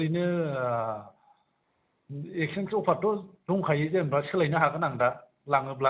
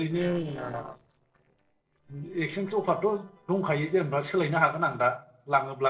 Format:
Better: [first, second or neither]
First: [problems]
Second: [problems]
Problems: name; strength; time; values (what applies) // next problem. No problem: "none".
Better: first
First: none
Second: noise reduction (neural separator model SepFormer DNS4)